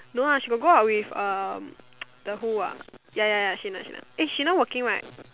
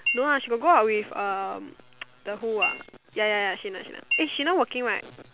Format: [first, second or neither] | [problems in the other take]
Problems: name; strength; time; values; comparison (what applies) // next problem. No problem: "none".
first | background sound (Chink, clink); 6 dB below the speech